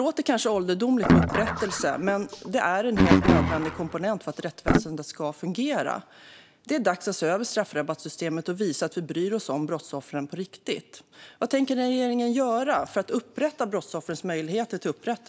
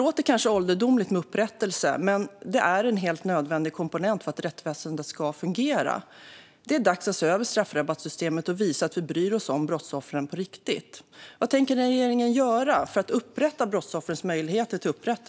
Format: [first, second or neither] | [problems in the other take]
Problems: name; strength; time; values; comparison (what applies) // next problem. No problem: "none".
second | background sound (Guitar); 3 dB above the speech